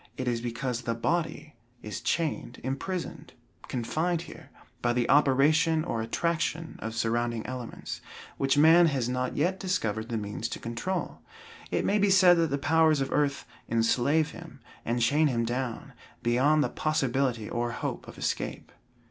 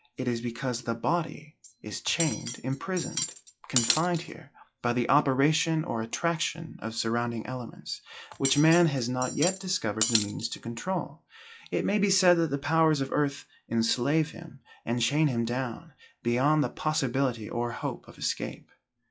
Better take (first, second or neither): first